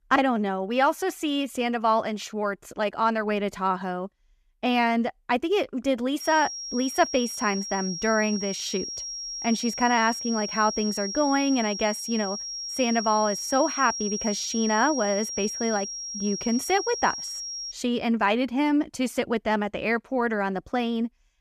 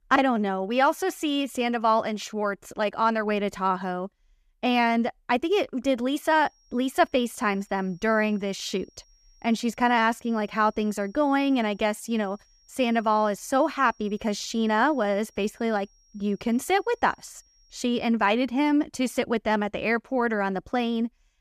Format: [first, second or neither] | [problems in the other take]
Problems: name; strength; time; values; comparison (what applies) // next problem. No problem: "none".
second | high-pitched whine; loud; from 6 to 18 s; 5.5 kHz, 6 dB below the speech; faint in the second